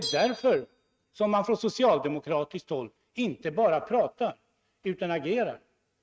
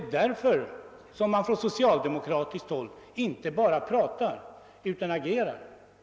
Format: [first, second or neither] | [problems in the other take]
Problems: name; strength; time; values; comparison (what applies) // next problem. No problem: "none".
second | noise reduction (neural mask model RNNoise)